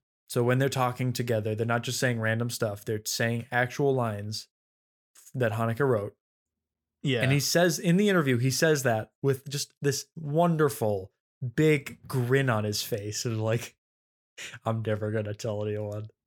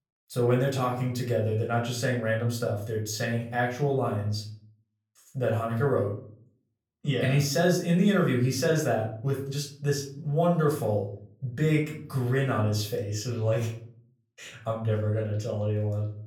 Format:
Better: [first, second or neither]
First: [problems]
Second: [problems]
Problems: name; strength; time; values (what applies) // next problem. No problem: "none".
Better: first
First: none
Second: off-mic speech; far // room echo; slight; dies away in 0.5 s